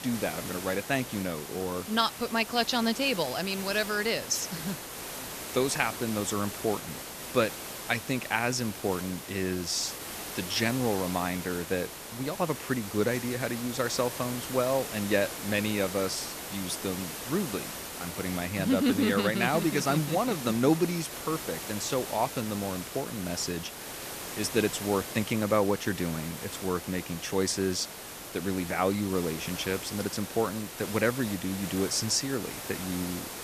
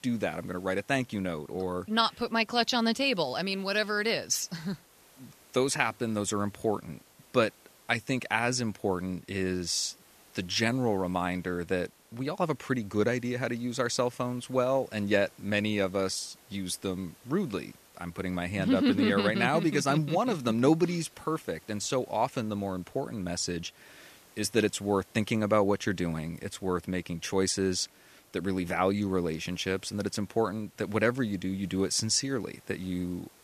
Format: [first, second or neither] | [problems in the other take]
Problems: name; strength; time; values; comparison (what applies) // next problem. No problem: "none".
second | hiss; loud; throughout; 8 dB below the speech; faint in the second